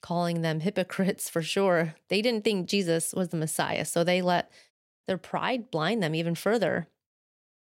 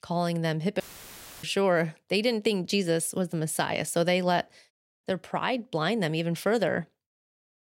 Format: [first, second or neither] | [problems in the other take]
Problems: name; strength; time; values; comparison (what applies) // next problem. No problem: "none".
first | audio cutting out; filled with static; at 1 s for 0.5 s